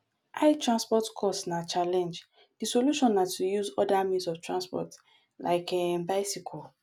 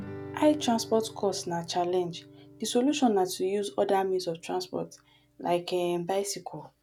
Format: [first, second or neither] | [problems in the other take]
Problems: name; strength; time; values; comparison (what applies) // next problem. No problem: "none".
first | background sound (Guitar); 18 dB below the speech